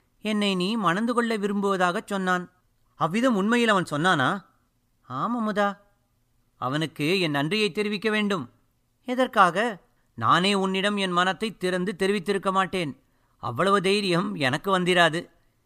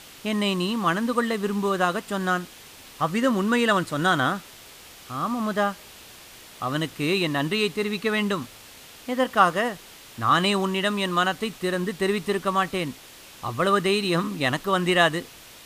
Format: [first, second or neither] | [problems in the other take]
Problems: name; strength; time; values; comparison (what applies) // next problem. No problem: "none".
first | hiss; noticeable; throughout; 20 dB below the speech